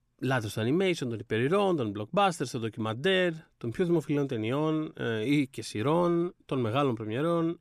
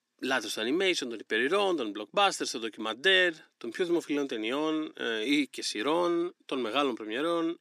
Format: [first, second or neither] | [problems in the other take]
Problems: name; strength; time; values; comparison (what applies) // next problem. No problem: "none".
first | thin; very slightly; fading below 300 Hz